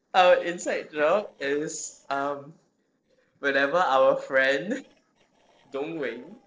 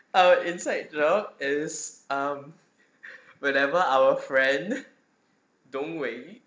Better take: second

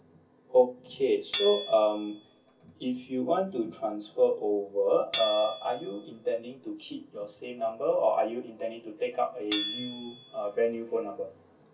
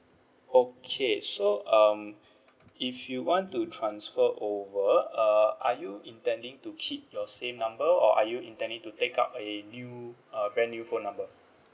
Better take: second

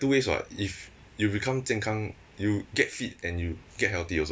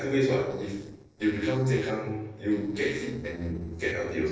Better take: first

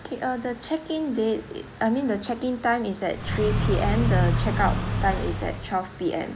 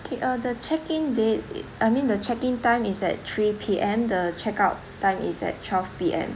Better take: second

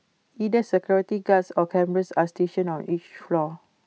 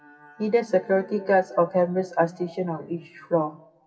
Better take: first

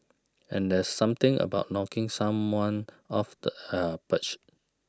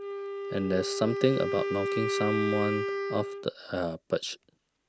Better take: first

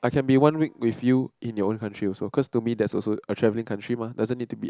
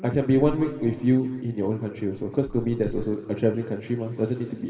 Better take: first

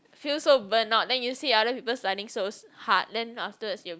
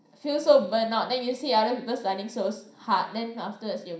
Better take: first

